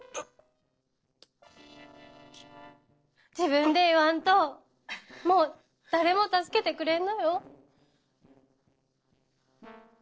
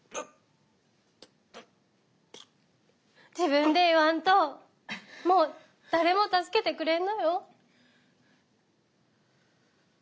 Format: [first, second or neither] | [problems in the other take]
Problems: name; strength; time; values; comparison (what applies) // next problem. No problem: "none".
second | noise reduction (neural separator model SepFormer DNS4)